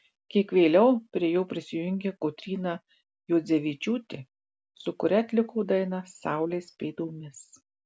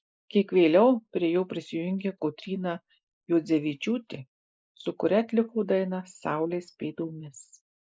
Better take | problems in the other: first | noise reduction (neural mask model Resemble Enhance denoiser)

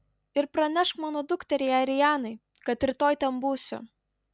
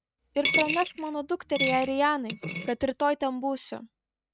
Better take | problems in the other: first | noise reduction (neural mask model RNNoise)

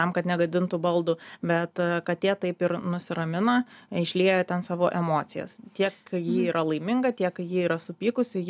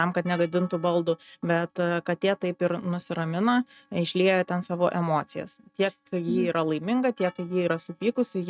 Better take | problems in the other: first | noise reduction (neural mask model RNNoise)

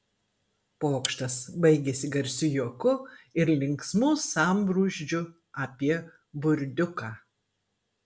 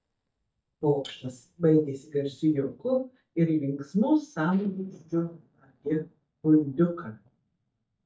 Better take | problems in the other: first | noise reduction (neural mask model DeepFilterNet 3)

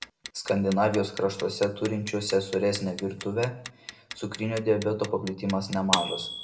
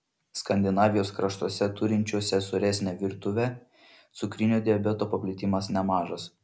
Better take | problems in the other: second | background sound (Clock); 10 dB below the speech // room echo; dies away in 0.5 s

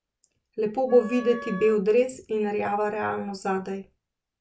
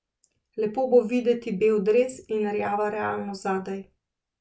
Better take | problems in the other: second | background sound (Wind instrument, woodwind instrument); 15 dB below the speech

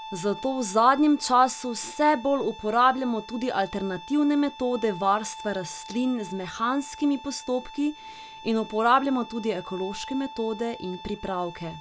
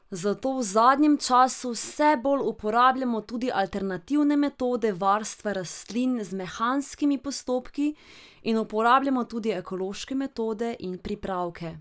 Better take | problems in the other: second | background sound (Bowed string instrument); 16 dB below the speech

